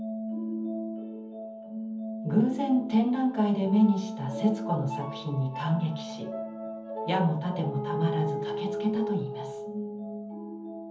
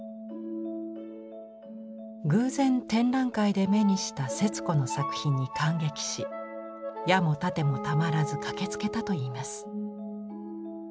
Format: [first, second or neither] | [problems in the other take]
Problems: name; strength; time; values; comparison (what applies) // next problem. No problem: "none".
second | room echo; dies away in 0.7 s